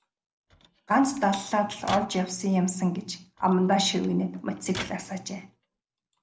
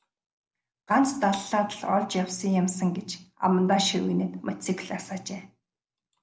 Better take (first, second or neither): second